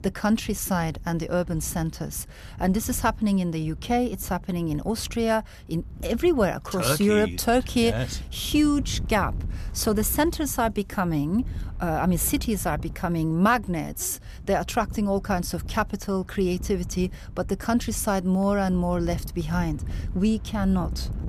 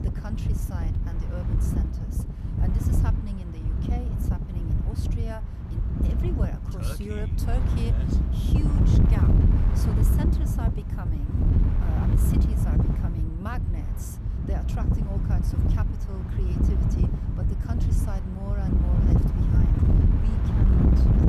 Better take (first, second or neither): first